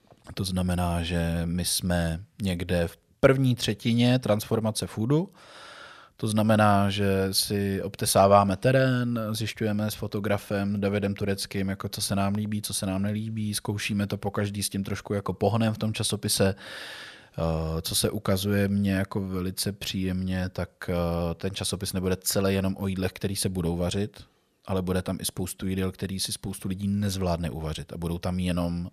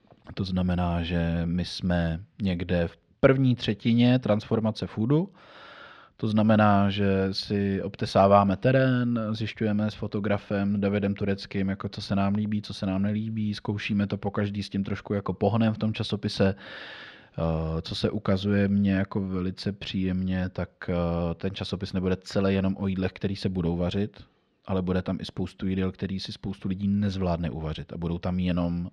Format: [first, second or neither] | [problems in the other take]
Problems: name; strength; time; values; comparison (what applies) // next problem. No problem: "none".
first | muffled; very slightly; fading above 4 kHz